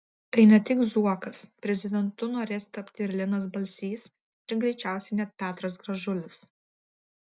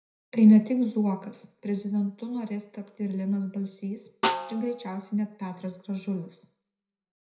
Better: first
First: none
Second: background sound (Snare drum); 8 dB below the speech // room echo; dies away in 0.5 s

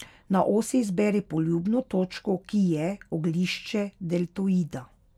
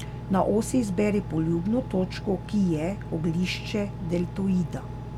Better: first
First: none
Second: background sound (Engine); 9 dB below the speech

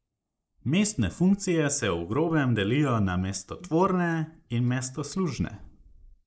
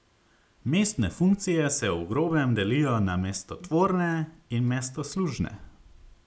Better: second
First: noise reduction (neural mask model Resemble Enhance denoiser)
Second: none

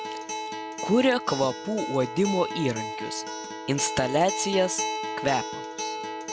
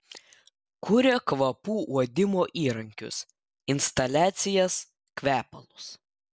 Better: second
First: background sound (Acoustic guitar); 6 dB below the speech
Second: none

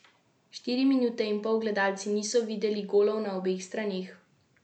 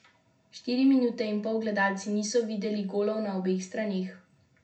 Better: first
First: none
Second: room echo; dies away in 0.4 s

